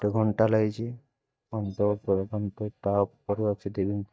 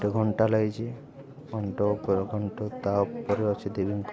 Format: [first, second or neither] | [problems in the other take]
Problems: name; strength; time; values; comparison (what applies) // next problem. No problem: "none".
second | noise reduction (neural mask model DeepFilterNet 3)